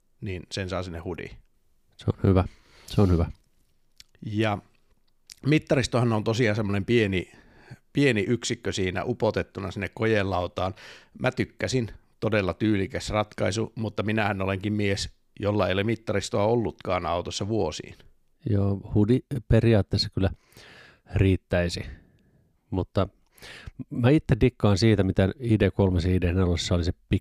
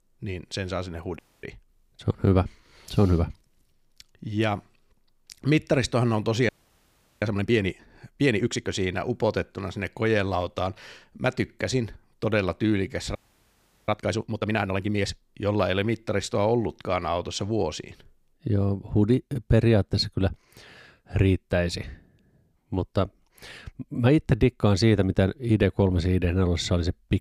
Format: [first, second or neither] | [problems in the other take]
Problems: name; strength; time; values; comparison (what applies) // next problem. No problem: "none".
first | audio freezing; at 1 s, at 6.5 s for 0.5 s and at 13 s for 0.5 s